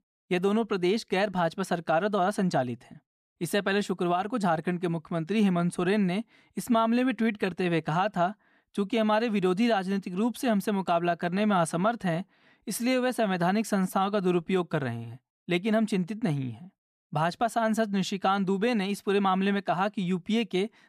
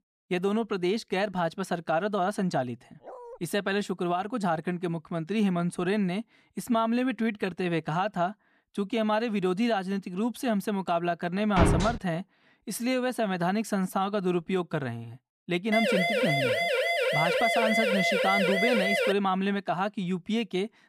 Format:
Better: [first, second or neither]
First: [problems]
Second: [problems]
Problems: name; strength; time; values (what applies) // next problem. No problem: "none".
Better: first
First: none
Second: dog barking; faint; at 3 s; peak 15 dB below the speech // door banging; loud; at 12 s; peak 4 dB above the speech // siren; loud; from 16 to 19 s; peak 4 dB above the speech